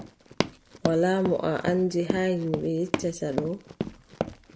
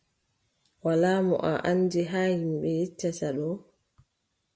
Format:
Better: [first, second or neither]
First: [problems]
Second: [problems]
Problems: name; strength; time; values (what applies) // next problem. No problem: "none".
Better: second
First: background sound (Run); 6 dB below the speech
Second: none